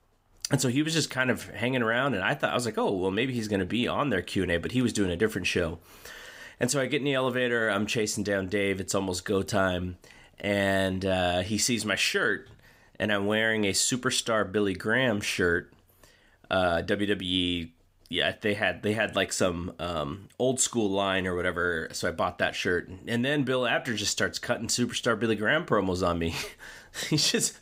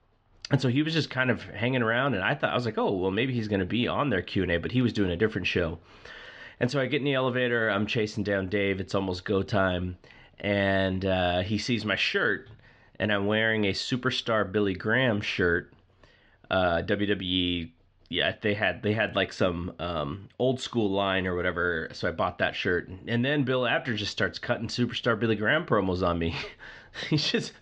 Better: first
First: none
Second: muffled; slightly; fading above 4.5 kHz

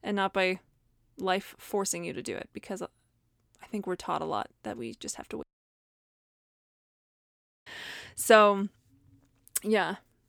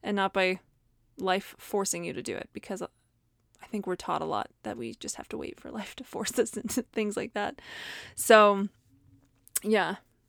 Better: second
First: audio cutting out; at 5.5 s for 2 s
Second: none

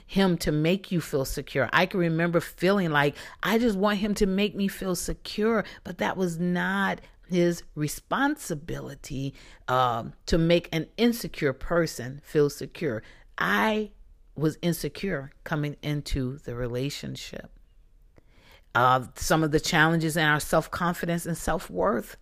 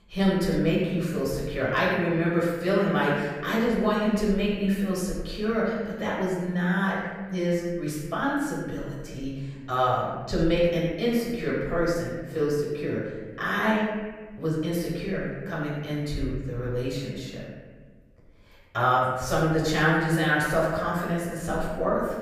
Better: first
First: none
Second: off-mic speech; far // room echo; noticeable; dies away in 1.4 s

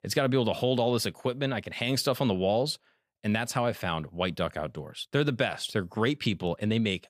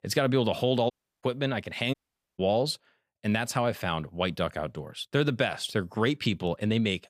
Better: first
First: none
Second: audio cutting out; at 1 s and at 2 s

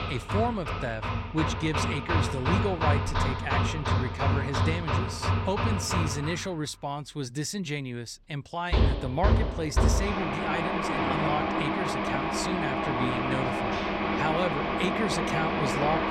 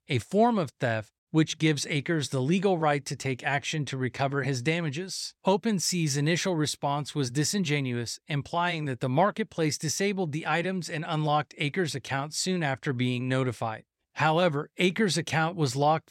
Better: second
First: machinery noise; very loud; throughout; 4 dB above the speech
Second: none

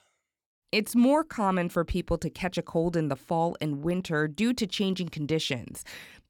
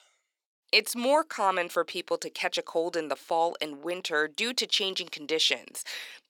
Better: first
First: none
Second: thin; very; fading below 400 Hz

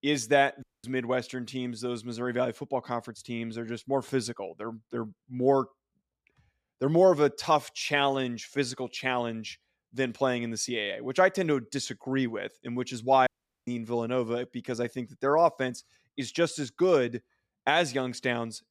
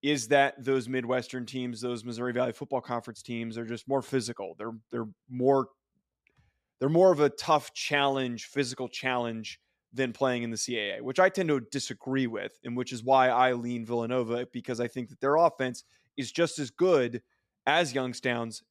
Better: second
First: audio cutting out; at 0.5 s and at 13 s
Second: none

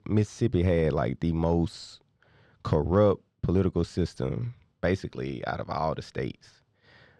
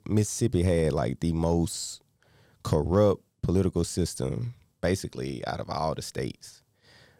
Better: second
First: muffled; slightly; fading above 3 kHz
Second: none

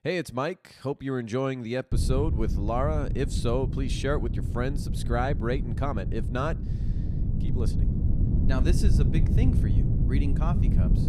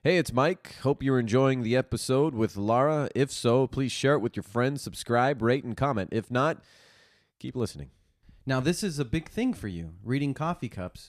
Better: second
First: wind noise on the microphone; heavy; from 2 s on; 8 dB below the speech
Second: none

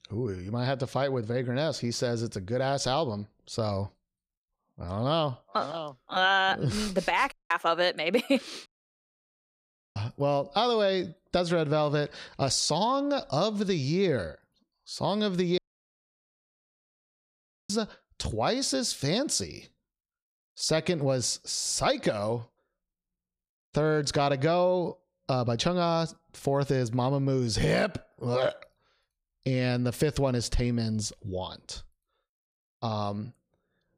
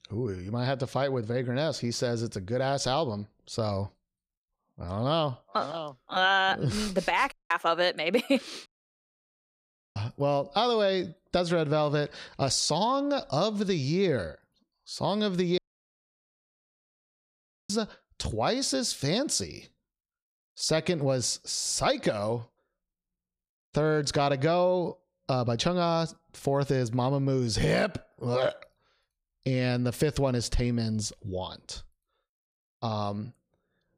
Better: neither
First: audio cutting out; at 7.5 s, at 8.5 s for 1.5 s and at 16 s for 2 s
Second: audio cutting out; at 7.5 s, at 8.5 s for 1.5 s and at 16 s for 2 s

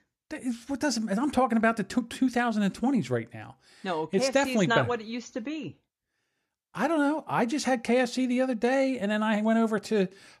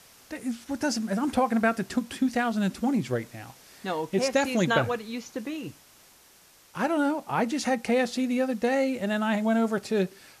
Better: first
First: none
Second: hiss; faint; throughout; 25 dB below the speech

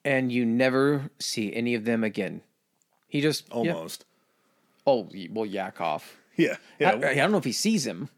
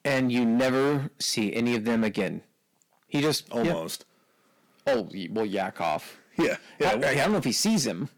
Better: first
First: none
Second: distortion; heavy; 11% of the sound clipped

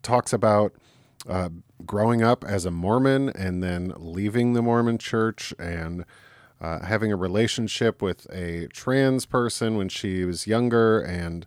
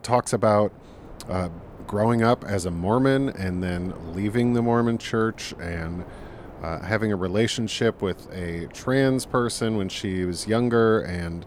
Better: first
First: none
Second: wind noise on the microphone; occasional gusts; 20 dB below the speech

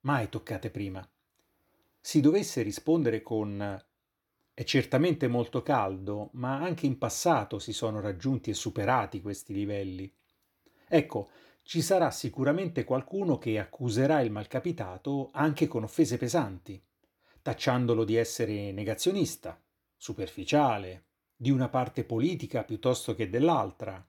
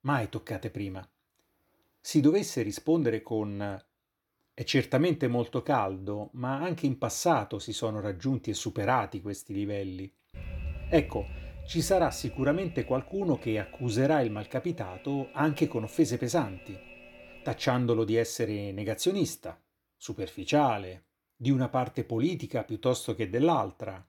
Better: first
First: none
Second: alarm; noticeable; from 10 to 18 s; peak 9 dB below the speech

